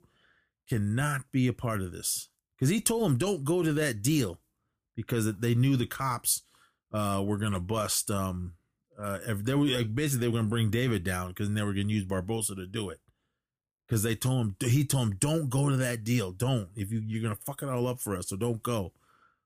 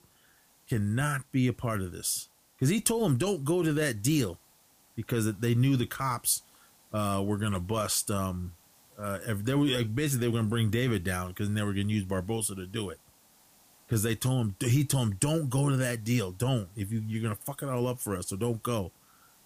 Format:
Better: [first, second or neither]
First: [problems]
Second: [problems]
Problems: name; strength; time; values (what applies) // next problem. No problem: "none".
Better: first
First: none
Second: hiss; faint; throughout; 30 dB below the speech